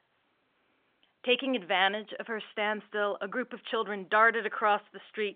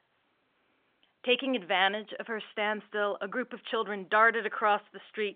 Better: neither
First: phone-call audio; nothing above 3.5 kHz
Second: phone-call audio; nothing above 3.5 kHz

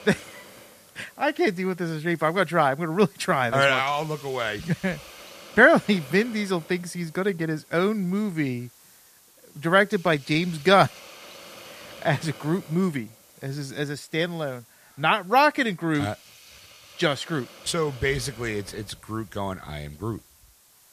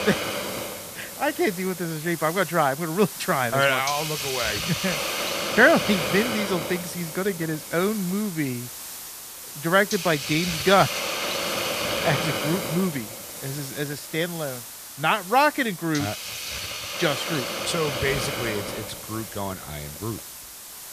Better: first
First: hiss; faint; throughout; 20 dB below the speech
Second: hiss; loud; throughout; 5 dB below the speech

